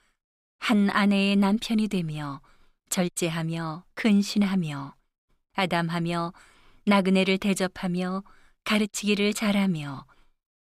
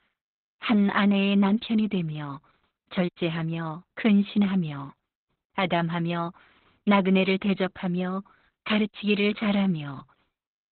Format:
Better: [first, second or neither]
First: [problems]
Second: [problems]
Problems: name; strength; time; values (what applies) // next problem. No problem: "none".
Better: first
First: none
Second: garbled, watery; badly; nothing above 4 kHz